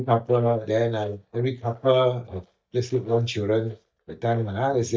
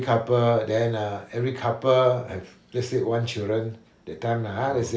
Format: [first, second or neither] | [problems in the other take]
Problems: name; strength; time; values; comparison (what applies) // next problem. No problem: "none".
second | noise reduction (neural mask model DeepFilterNet 3)